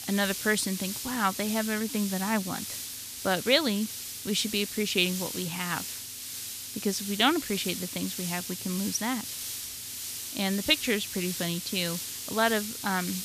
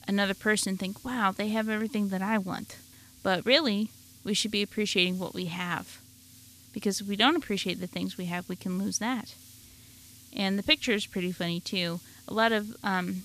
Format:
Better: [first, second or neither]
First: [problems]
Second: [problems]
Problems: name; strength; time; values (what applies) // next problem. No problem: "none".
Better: second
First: hiss; loud; throughout; 6 dB below the speech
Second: hiss; faint; throughout; 20 dB below the speech